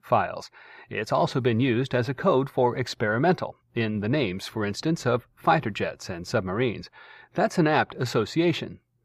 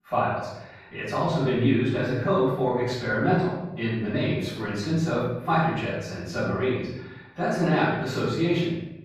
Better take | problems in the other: first | off-mic speech; far // room echo; strong; dies away in 0.8 s

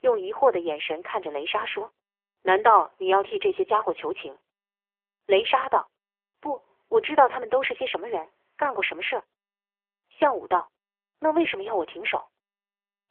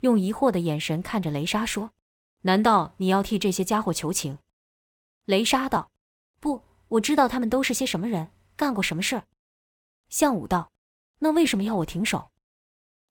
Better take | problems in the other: second | phone-call audio; poor line; nothing above 3.5 kHz

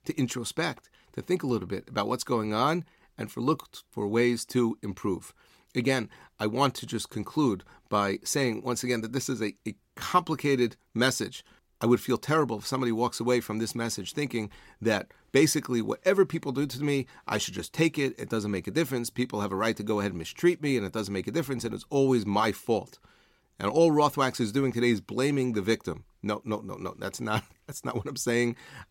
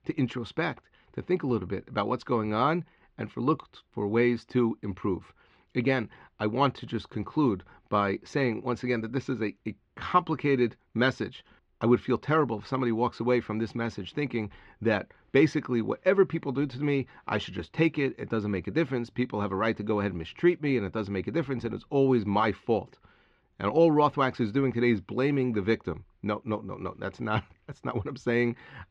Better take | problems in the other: first | muffled; slightly; fading above 3 kHz

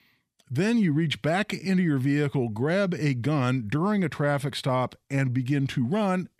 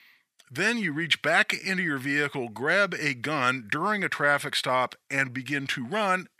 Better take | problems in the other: first | thin; somewhat; fading below 1 kHz

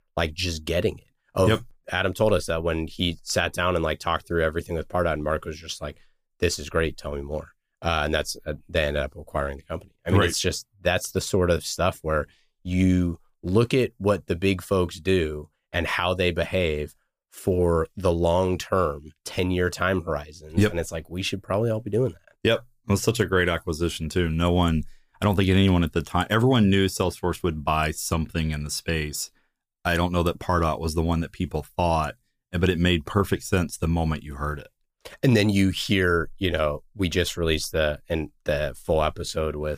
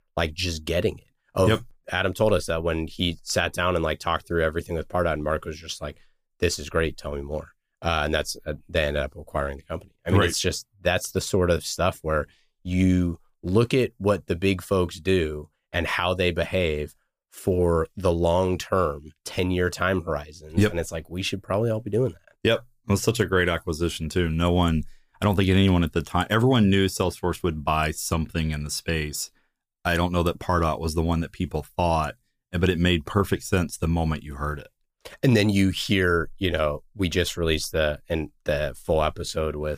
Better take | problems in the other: neither | none

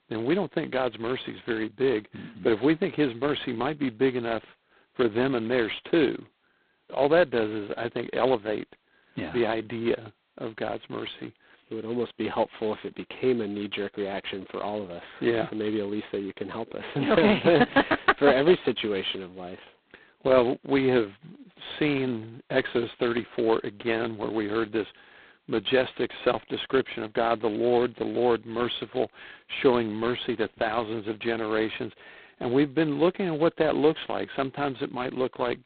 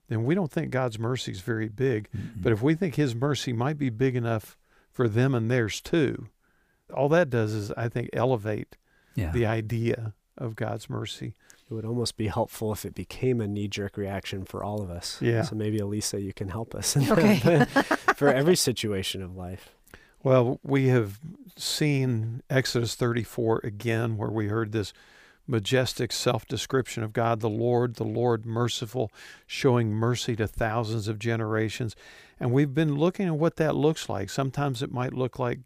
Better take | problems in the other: second | phone-call audio; poor line; nothing above 4 kHz

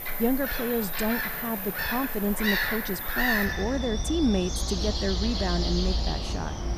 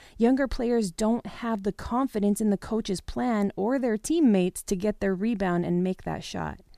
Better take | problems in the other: second | animal sounds; very loud; throughout; 1 dB above the speech

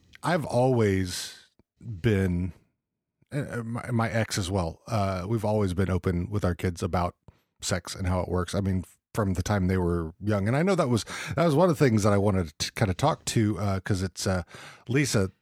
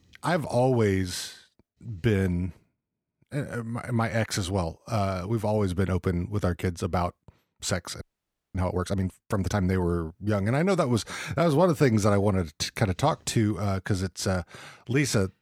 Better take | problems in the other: first | audio freezing; at 8 s for 0.5 s

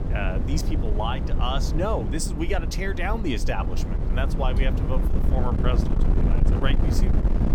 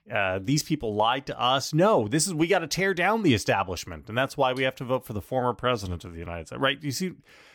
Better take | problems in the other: second | wind noise on the microphone; heavy; 6 dB below the speech

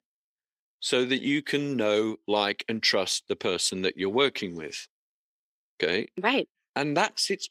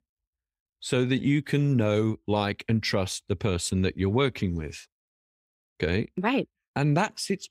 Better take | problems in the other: second | thin; somewhat; fading below 350 Hz

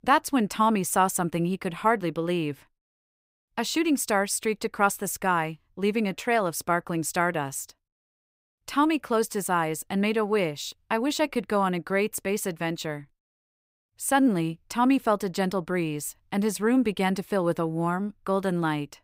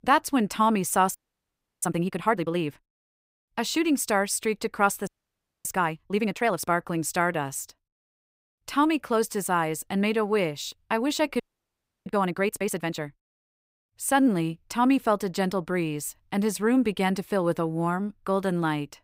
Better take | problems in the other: first | audio freezing; at 1 s for 0.5 s, at 5 s for 0.5 s and at 11 s for 0.5 s

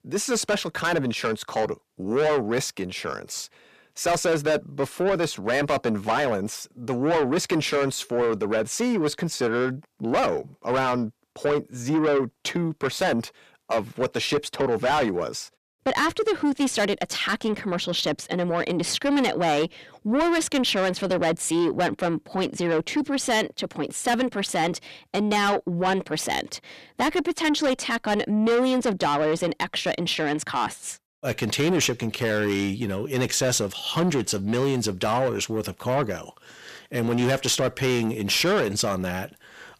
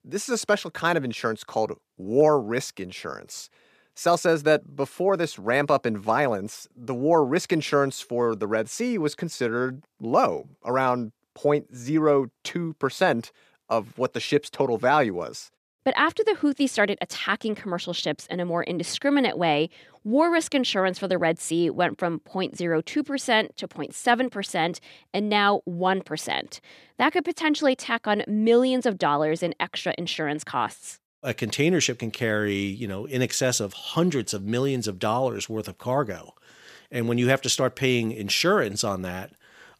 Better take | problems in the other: second | distortion; heavy; 7 dB below the speech

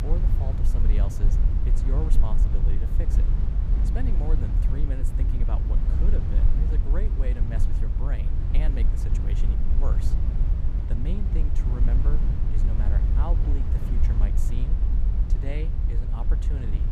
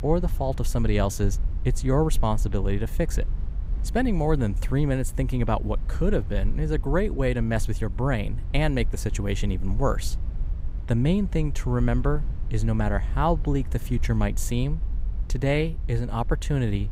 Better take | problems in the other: second | low rumble; loud; throughout; as loud as the speech; faint in the second

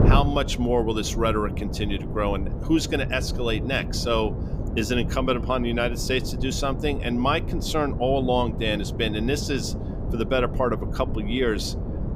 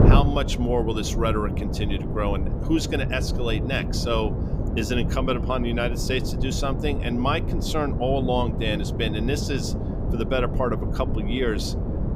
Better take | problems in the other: first | wind noise on the microphone; heavy; 8 dB below the speech; occasional gusts in the first

